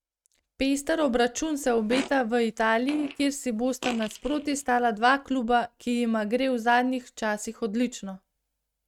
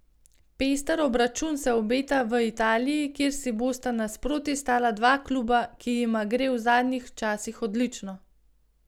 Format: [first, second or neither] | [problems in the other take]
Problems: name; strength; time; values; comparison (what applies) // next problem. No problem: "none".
second | noise reduction (neural mask model RNNoise)